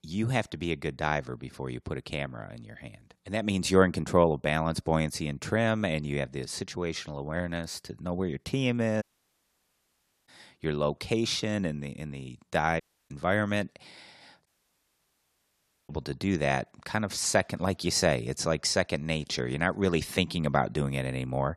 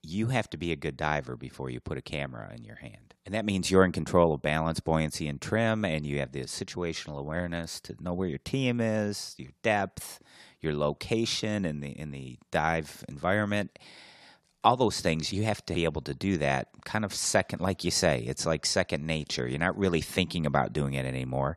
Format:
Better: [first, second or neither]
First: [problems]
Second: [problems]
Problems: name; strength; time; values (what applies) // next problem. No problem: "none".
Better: second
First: audio cutting out; at 9 s for 1.5 s, at 13 s and at 14 s for 1.5 s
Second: none